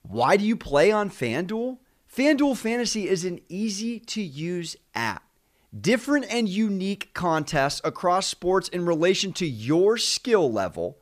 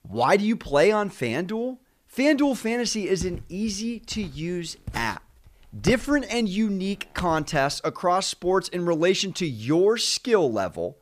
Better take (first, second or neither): first